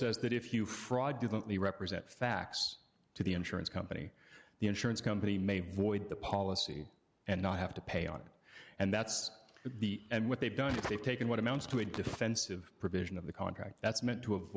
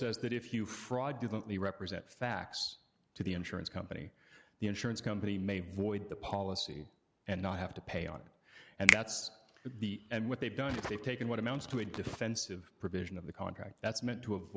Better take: first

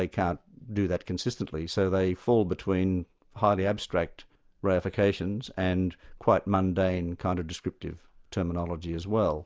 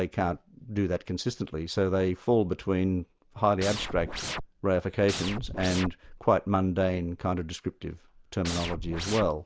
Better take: first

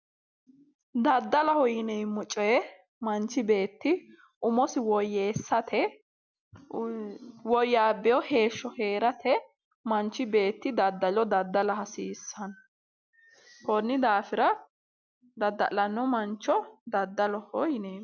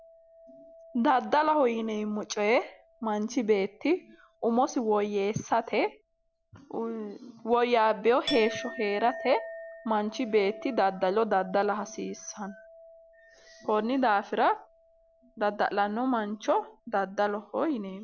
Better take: first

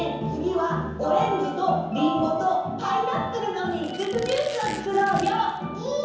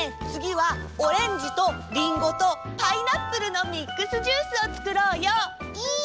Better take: second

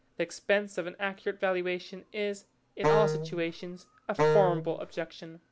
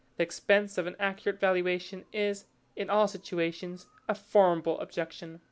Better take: second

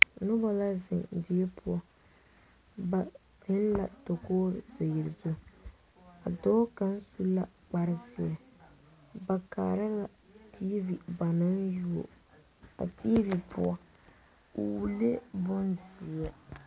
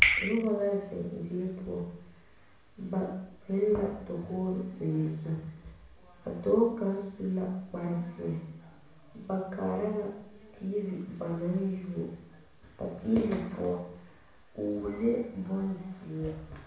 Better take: first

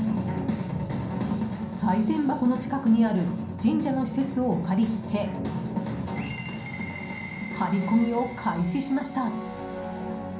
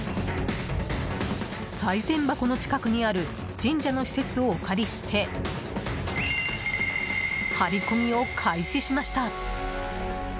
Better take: second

